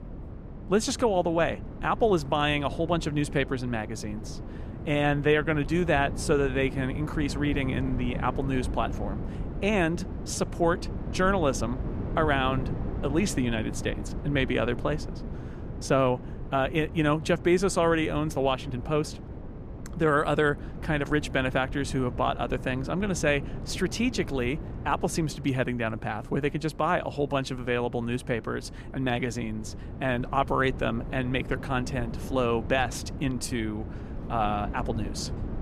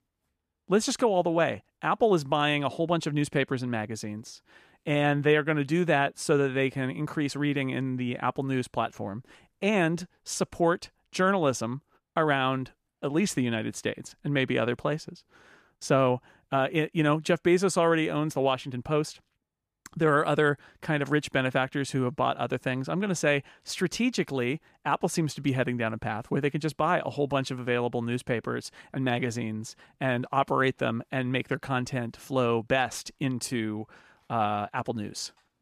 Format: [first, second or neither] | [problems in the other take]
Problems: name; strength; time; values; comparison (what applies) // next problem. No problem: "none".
second | wind noise on the microphone; occasional gusts; 15 dB below the speech